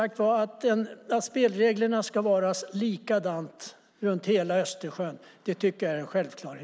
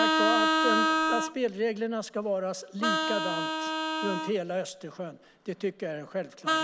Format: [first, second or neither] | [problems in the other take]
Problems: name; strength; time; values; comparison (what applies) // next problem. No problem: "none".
first | background sound (Vehicle horn, car horn, honking); 3 dB above the speech